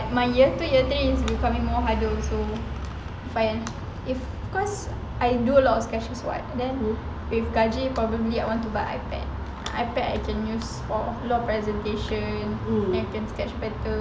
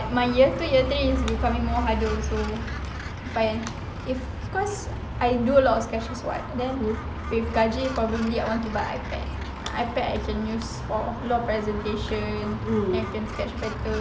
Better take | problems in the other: first | background sound (Gull, seagull); 18 dB below the speech

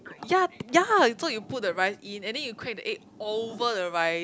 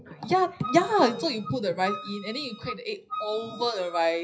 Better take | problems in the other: first | noise reduction (classical method WPE with log-MMSE)

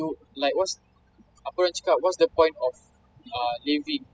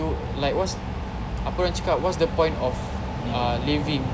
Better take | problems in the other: second | noise reduction (classical method spectral subtraction)

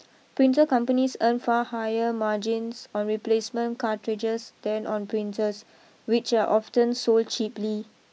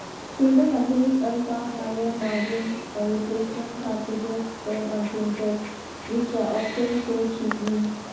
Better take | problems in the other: first | background sound (Wild animals); 11 dB below the speech // room echo; dies away in 0.9 s

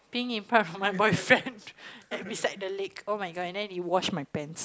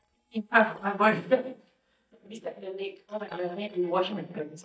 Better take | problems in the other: first | noise reduction (neural mask model DeepFilterNet 3)

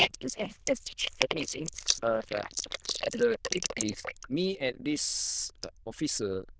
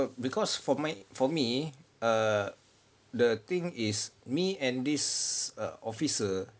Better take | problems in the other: second | noise reduction (neural diffusion model UNIVERSE++)

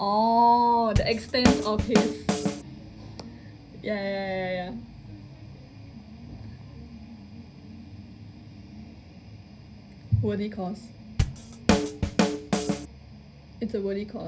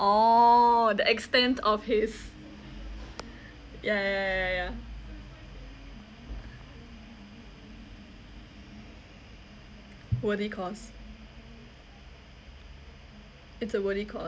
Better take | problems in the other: second | background sound (Drum / Drum kit); 4 dB above the speech // room echo; dies away in 0.4 s

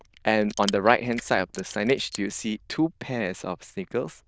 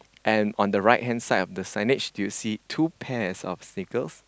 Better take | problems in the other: second | noise reduction (neural diffusion model UNIVERSE++)

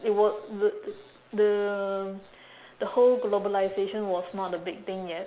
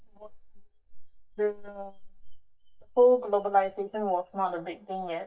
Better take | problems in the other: first | noise reduction (neural mask model DeepFilterNet 3)

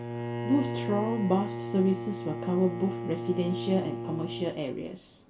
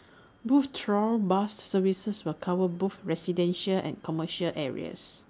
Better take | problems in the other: second | background sound (Bowed string instrument); 6 dB below the speech // room echo; dies away in 0.3 s

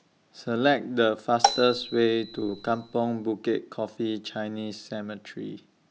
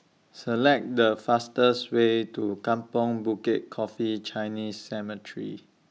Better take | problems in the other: second | background sound (Marimba, xylophone); 3 dB below the speech

